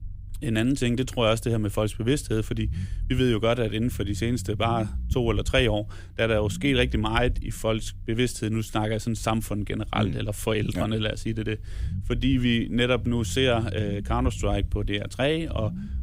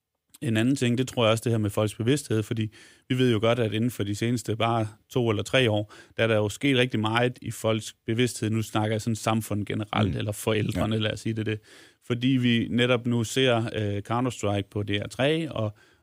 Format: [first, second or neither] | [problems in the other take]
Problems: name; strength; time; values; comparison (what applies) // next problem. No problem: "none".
second | low rumble; faint; throughout; 20 dB below the speech